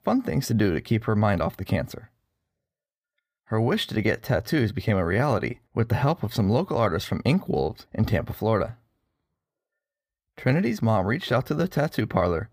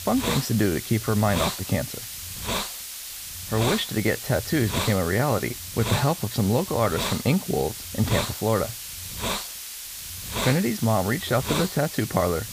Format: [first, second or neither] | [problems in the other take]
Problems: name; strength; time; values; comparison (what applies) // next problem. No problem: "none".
first | hiss; loud; throughout; 6 dB below the speech